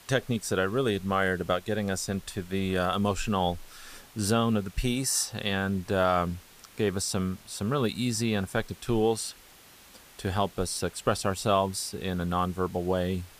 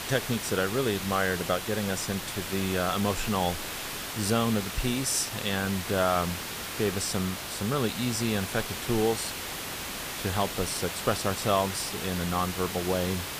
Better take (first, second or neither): first